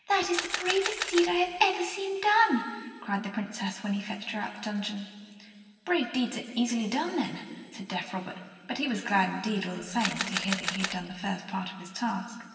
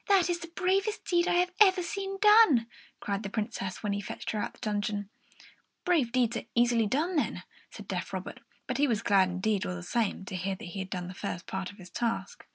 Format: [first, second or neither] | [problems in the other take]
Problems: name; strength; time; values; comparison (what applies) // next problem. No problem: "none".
second | background sound (Camera); 5 dB below the speech // room echo; dies away in 2.6 s